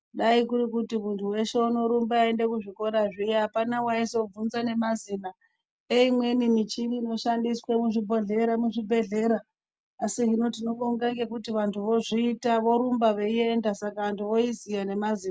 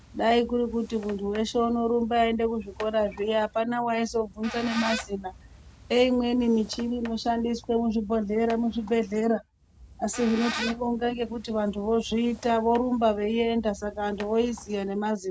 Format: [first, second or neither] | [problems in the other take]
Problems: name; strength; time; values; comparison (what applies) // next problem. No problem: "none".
first | background sound (Squeak); 16 dB below the speech